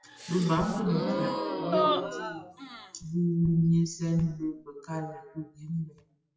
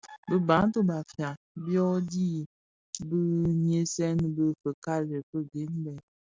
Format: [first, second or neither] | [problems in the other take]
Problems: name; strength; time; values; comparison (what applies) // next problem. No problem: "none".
second | noise reduction (classical method WPE with log-MMSE)